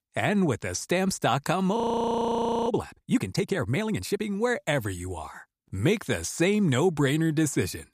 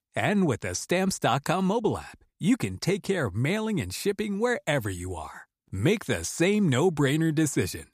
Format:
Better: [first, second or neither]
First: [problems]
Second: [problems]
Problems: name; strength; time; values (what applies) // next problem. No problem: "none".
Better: second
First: audio freezing; at 2 s for 1 s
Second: none